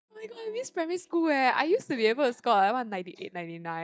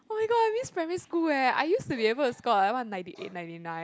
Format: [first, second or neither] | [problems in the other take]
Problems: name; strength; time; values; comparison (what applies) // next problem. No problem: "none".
second | noise reduction (neural mask model DeepFilterNet 3)